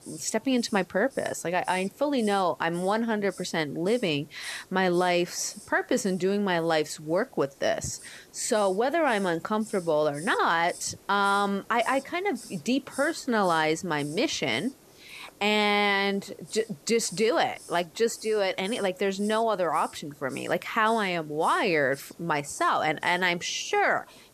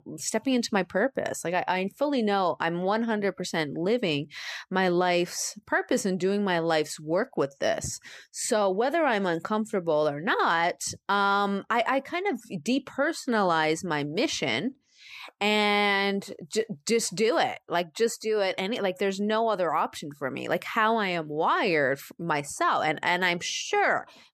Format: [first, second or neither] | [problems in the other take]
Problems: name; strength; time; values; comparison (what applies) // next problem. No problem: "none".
second | hiss; faint; throughout; 20 dB below the speech